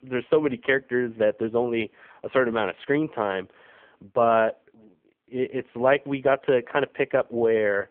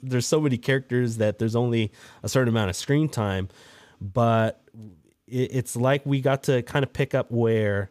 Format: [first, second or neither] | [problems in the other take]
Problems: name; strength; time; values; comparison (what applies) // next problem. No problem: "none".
second | phone-call audio; poor line; nothing above 3.5 kHz